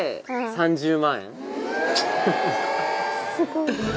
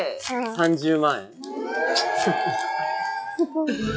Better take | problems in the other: first | noise reduction (classical method log-MMSE)

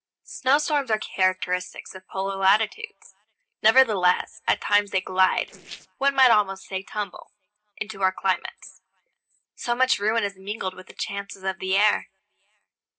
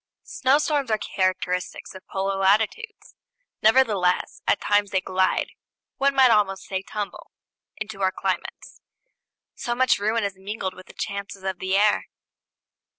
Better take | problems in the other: second | noise reduction (neural separator model SepFormer DNS4)

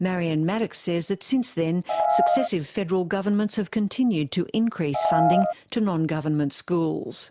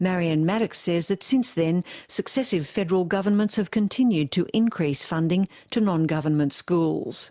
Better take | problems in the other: second | background sound (Piano); 4 dB above the speech

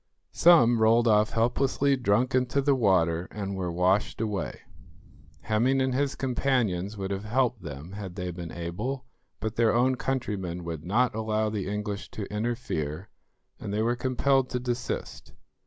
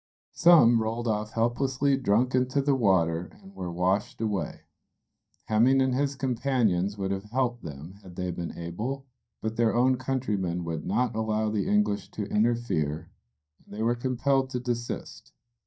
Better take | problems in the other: first | noise reduction (neural mask model DeepFilterNet 3)

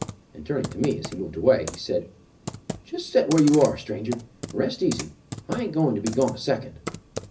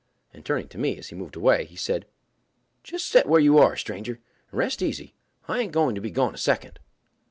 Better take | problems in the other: second | background sound (Computer keyboard); 13 dB below the speech // room echo; dies away in 0.4 s

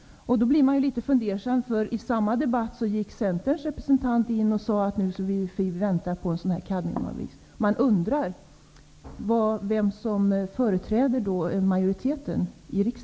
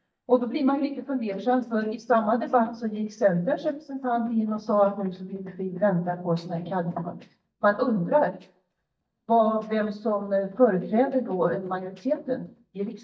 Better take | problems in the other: first | noise reduction (neural mask model DeepFilterNet 3)

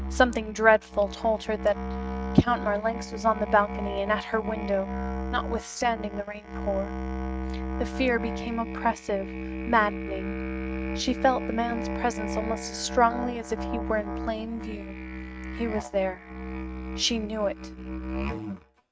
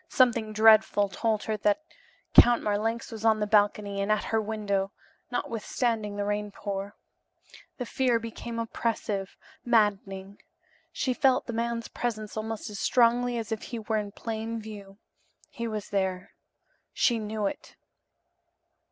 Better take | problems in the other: second | noise reduction (neural mask model RNNoise)

